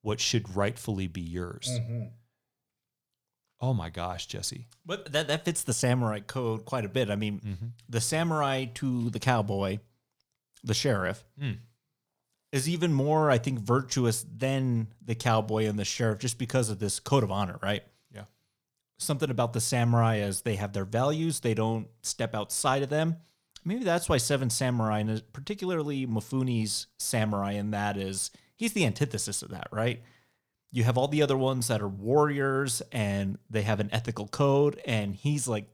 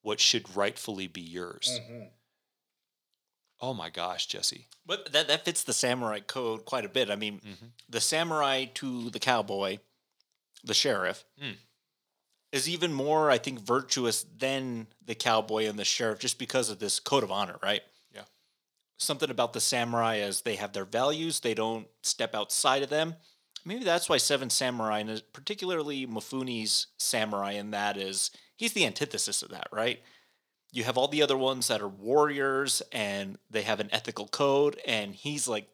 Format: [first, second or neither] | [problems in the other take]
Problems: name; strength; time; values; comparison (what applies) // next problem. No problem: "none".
first | thin; somewhat; fading below 300 Hz